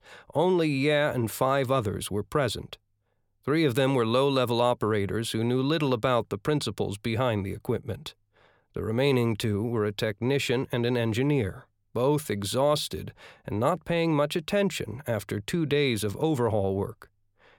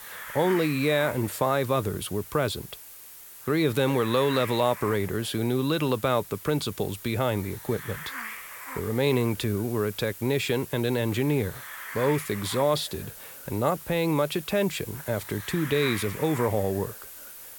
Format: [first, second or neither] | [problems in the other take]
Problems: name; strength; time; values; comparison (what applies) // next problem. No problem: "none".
first | hiss; noticeable; throughout; 10 dB below the speech